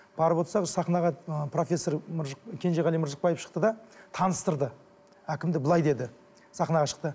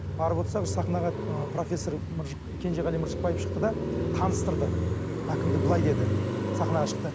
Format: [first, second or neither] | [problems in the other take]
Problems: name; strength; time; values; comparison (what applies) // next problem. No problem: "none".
first | background sound (Car passing by); 2 dB above the speech